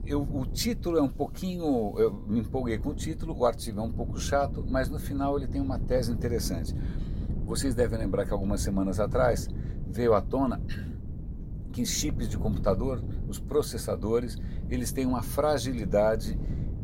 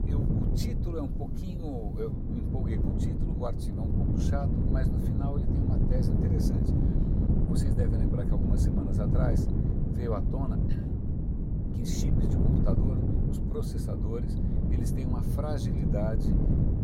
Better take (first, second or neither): first